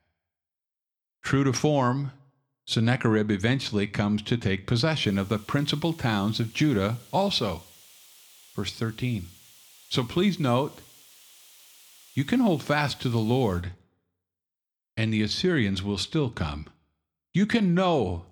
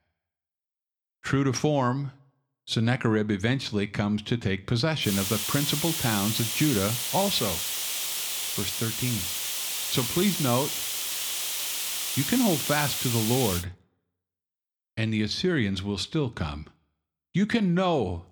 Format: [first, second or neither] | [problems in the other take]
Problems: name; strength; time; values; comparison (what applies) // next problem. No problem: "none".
first | hiss; loud; from 5 to 14 s; 1 dB below the speech; faint in the first